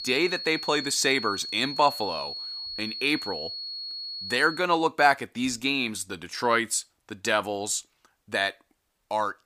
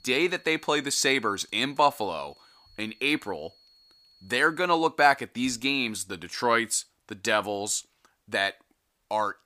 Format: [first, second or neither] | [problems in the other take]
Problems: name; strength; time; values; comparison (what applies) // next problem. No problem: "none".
second | high-pitched whine; loud; until 4.5 s; 4.5 kHz, 7 dB below the speech; faint in the second